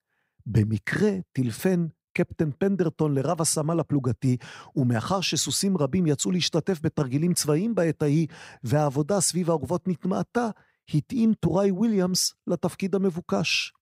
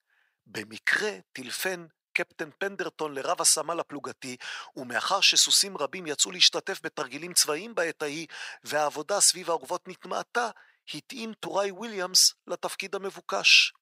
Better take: first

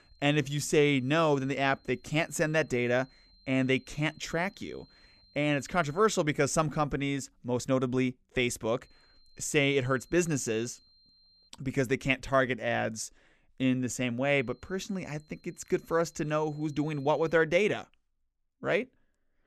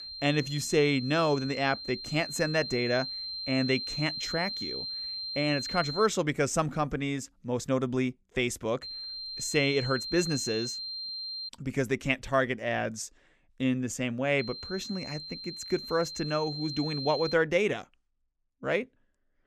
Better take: first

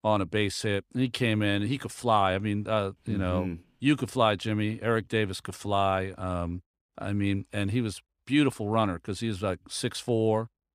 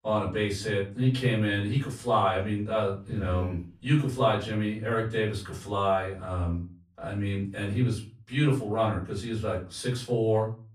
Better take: first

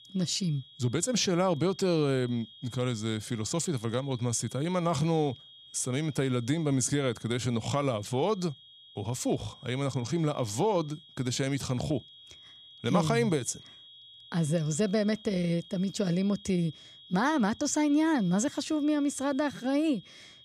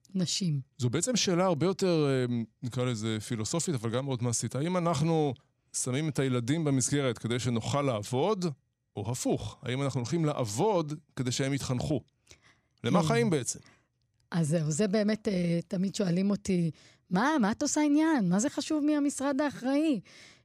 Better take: second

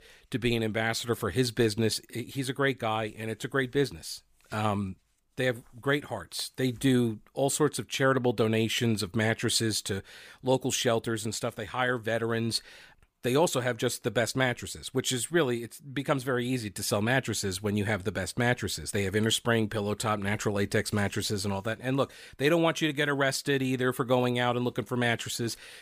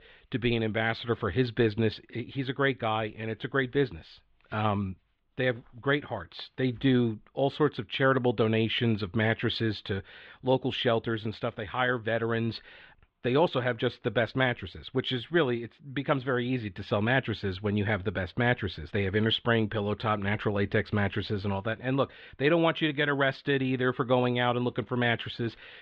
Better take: first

